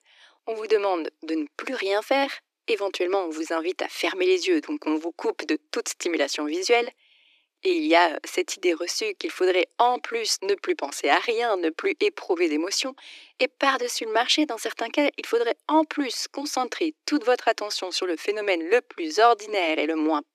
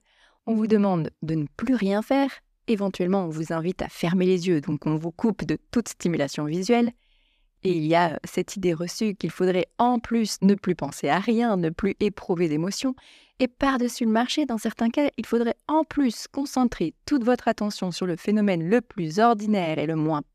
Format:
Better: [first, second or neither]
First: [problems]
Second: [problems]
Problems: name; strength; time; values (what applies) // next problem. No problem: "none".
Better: second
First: thin; somewhat; fading below 300 Hz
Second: none